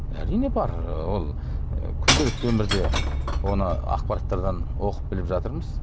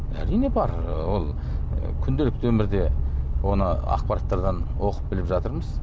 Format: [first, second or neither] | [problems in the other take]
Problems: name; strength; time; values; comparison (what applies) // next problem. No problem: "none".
second | background sound (Shatter / Crushing); 6 dB below the speech